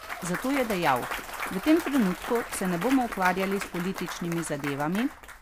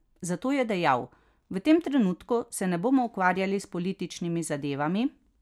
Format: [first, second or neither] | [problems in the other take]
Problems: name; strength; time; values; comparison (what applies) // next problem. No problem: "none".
second | background sound (Applause / Cheering / Clapping); 8 dB below the speech